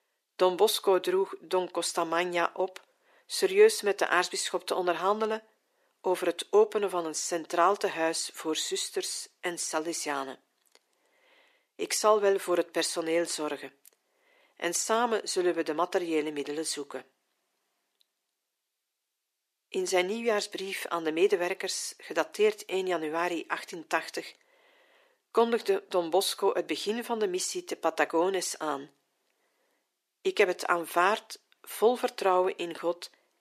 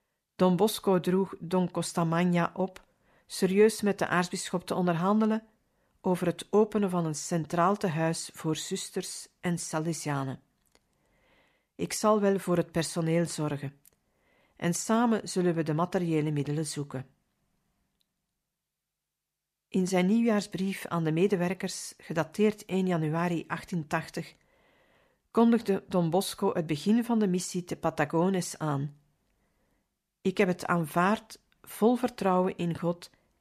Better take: second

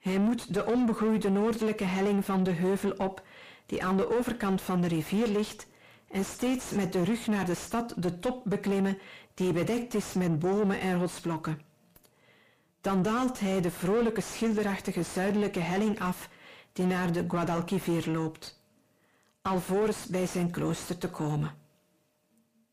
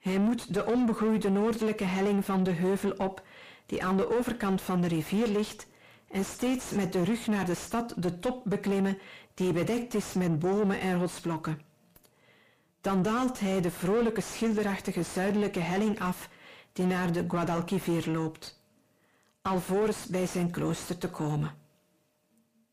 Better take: neither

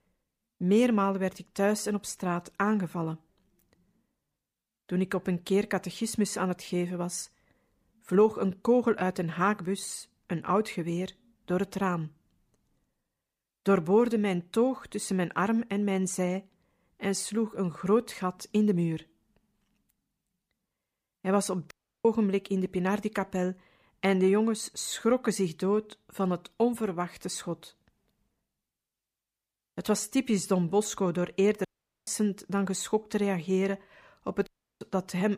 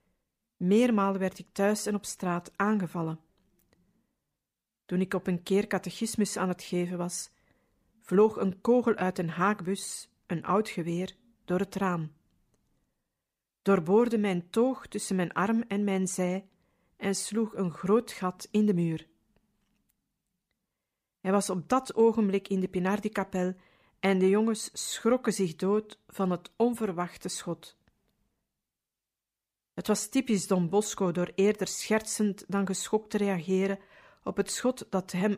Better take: second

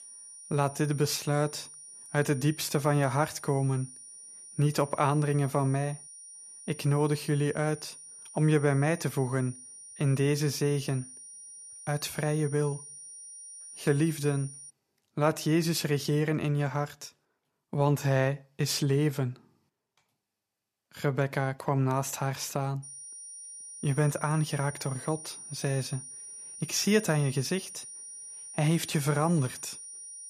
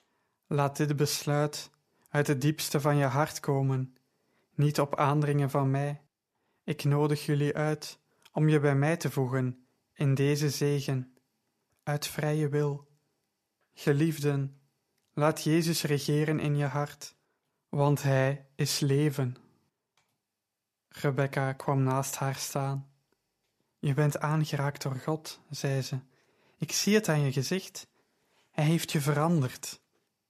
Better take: second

